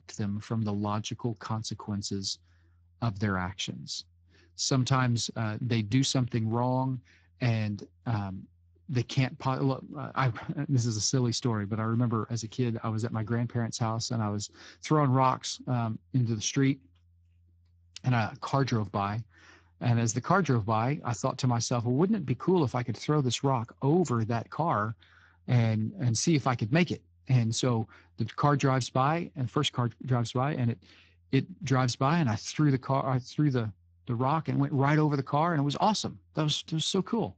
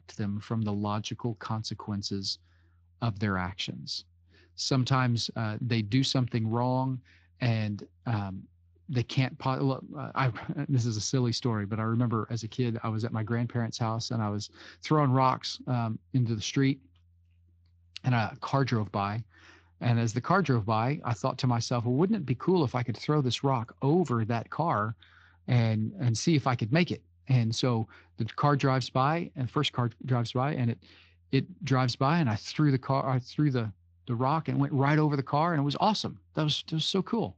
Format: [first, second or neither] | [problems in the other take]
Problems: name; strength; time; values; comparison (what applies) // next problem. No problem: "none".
second | garbled, watery; badly; nothing above 7.5 kHz; slightly in the second